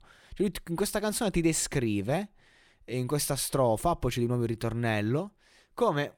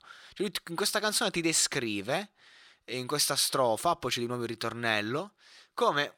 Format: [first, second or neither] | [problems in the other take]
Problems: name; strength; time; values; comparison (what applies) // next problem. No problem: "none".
first | thin; somewhat; fading below 400 Hz